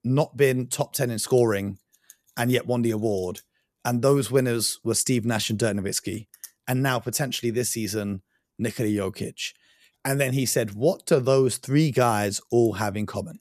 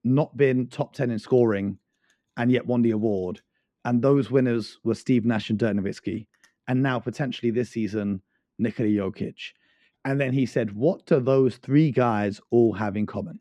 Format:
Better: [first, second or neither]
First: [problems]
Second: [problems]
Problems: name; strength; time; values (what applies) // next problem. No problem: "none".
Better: first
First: none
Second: muffled; slightly; fading above 2.5 kHz